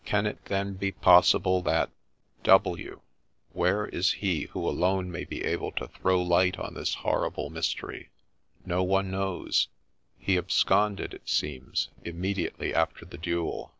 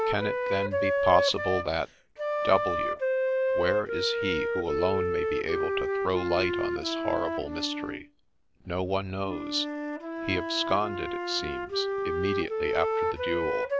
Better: first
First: none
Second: background sound (Wind instrument, woodwind instrument); 1 dB above the speech

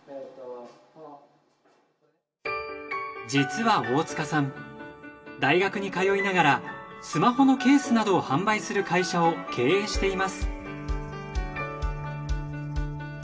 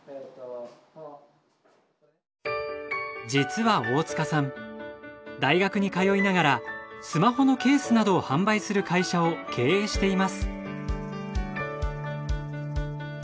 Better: second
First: room echo; dies away in 1.4 s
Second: none

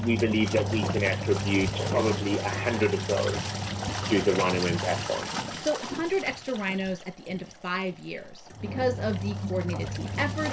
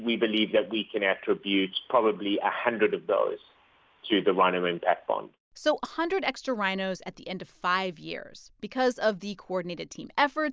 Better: second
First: background sound (Engine); 3 dB below the speech // room echo; dies away in 0.2 s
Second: none

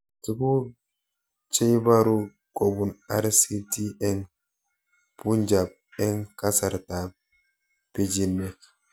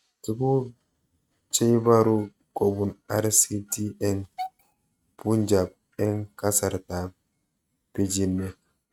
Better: first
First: none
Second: noise reduction (neural mask model RNNoise)

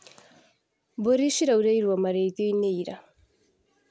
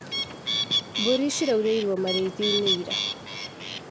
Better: first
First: none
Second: background sound (Bird); 2 dB below the speech

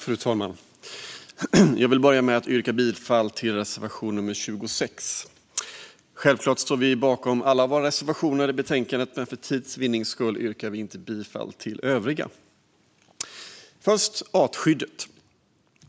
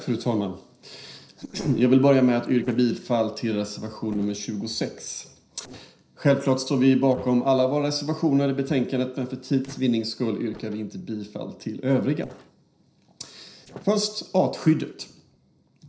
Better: first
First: none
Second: noise reduction (neural separator model SepFormer DNS4)

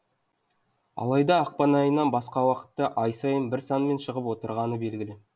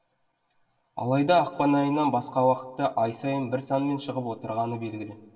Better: first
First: none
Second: room echo; dies away in 1.6 s

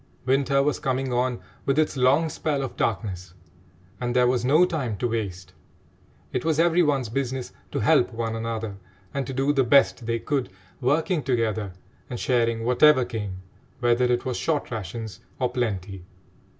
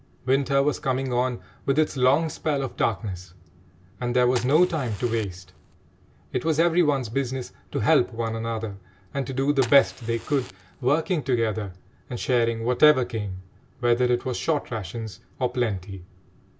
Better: first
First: none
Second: background sound (Fire); 17 dB below the speech

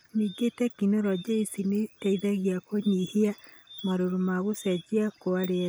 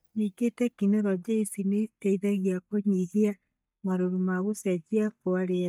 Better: first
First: none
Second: noise reduction (neural mask model DeepFilterNet 3)

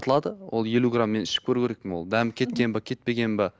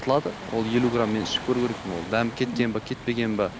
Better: first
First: none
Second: background sound (Waves, surf); 12 dB below the speech

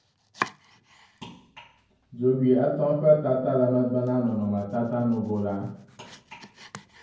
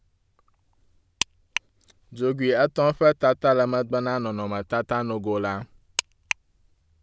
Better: second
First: background sound (Domestic sounds, home sounds); 18 dB below the speech // room echo; dies away in 0.9 s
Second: none

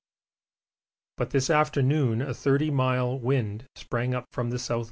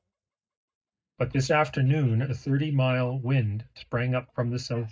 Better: first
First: none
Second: noise reduction (neural mask model DeepFilterNet 3)

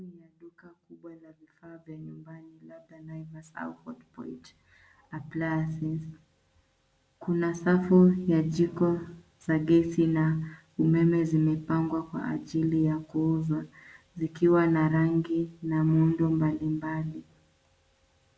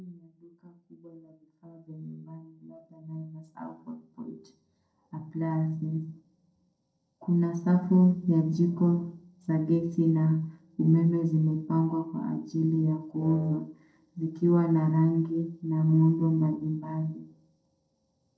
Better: first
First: none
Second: noise reduction (neural separator model SepFormer DNS4)

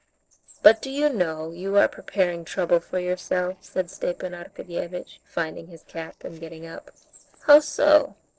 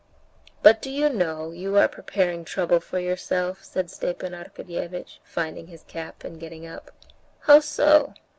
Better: second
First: noise reduction (neural separator model SepFormer DNS4)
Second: none

